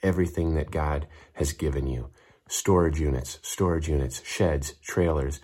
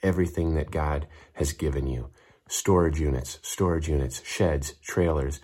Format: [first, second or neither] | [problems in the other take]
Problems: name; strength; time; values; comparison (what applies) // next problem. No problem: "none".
neither | none